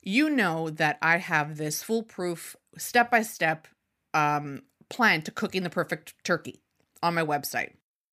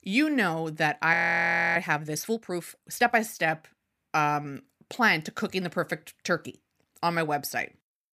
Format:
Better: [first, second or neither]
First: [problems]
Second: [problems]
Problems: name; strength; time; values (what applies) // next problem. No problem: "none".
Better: first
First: none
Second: audio freezing; at 1 s for 0.5 s